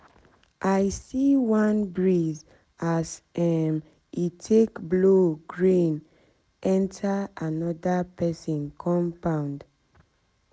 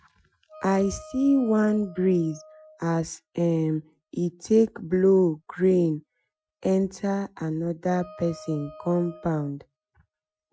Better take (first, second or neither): first